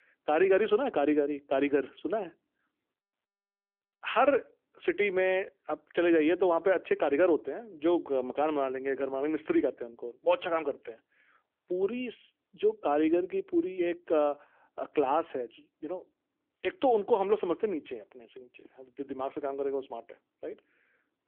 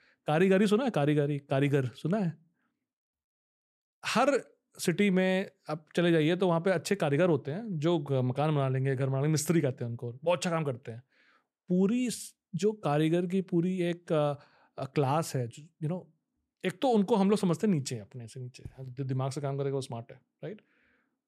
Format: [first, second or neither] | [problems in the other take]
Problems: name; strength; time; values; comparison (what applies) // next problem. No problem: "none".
second | phone-call audio; nothing above 3.5 kHz